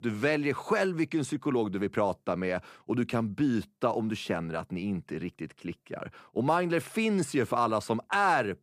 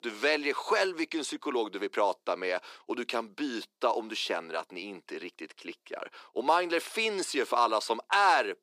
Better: first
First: none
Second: thin; somewhat; fading below 350 Hz

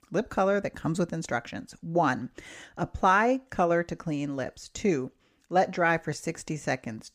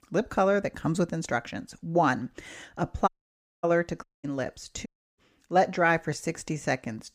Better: first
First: none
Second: audio cutting out; at 3 s for 0.5 s, at 4 s and at 5 s

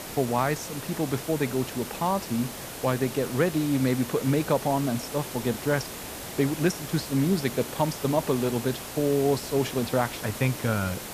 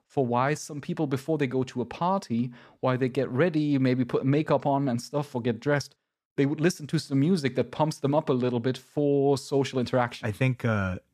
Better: second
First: hiss; loud; throughout; 9 dB below the speech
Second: none

